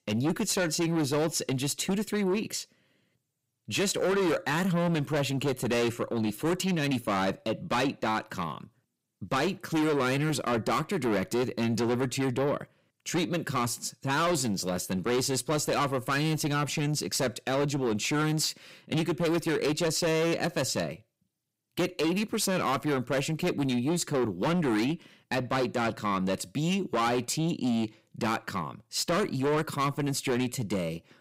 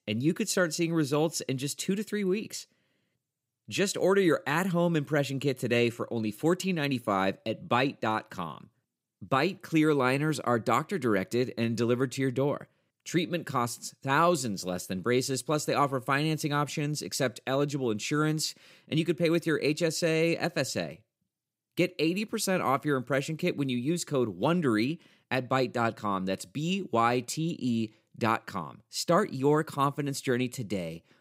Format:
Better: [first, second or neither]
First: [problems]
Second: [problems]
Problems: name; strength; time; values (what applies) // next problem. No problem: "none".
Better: second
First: distortion; heavy; 7 dB below the speech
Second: none